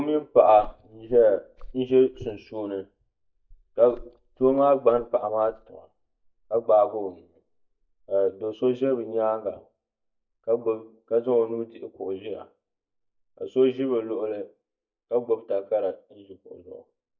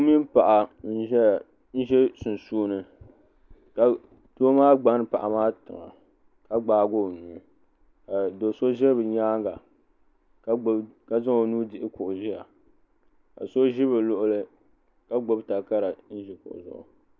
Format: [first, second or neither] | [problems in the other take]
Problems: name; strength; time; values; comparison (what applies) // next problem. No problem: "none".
second | noise reduction (neural mask model DeepFilterNet 3)